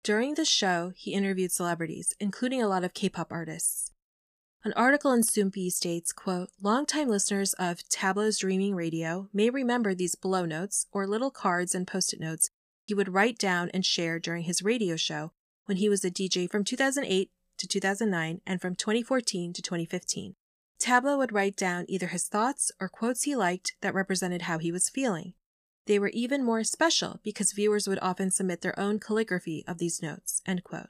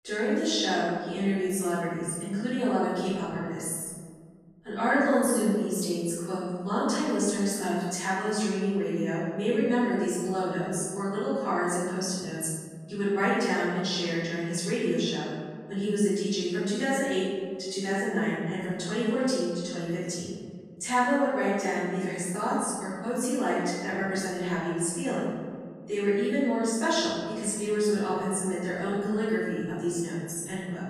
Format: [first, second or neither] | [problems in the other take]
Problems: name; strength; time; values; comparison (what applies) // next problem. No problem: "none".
first | room echo; strong; dies away in 1.8 s // off-mic speech; far